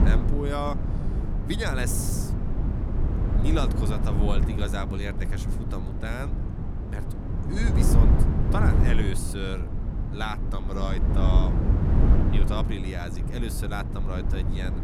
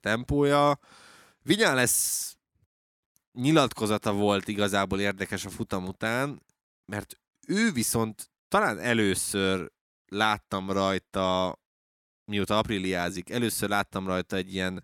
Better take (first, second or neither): second